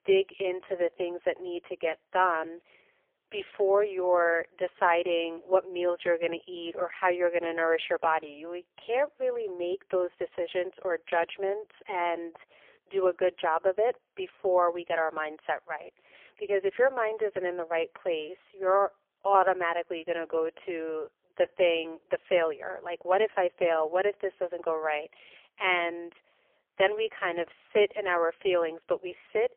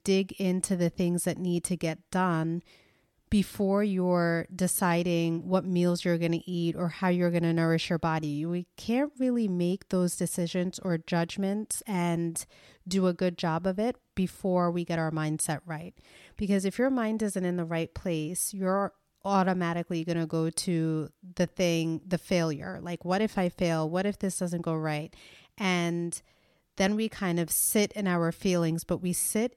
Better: second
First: phone-call audio; poor line; nothing above 3 kHz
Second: none

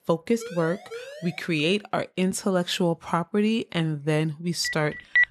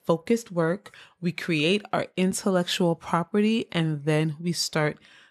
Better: second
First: siren; faint; at 0.5 s; peak 15 dB below the speech // phone ringing; loud; at 4.5 s; peak 5 dB above the speech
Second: none

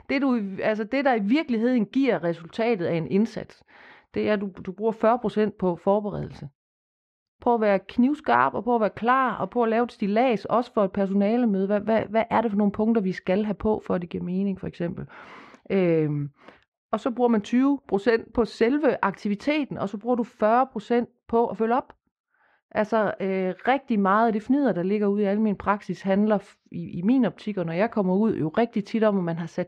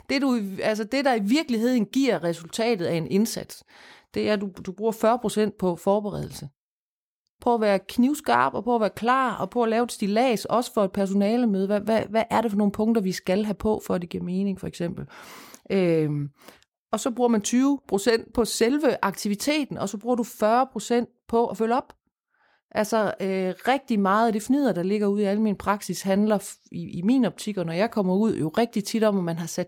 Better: second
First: muffled; slightly; fading above 2 kHz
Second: none

